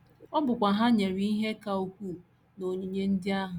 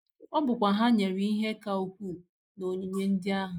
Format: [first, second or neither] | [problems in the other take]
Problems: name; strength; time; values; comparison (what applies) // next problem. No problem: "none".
first | noise reduction (neural mask model Resemble Enhance denoiser)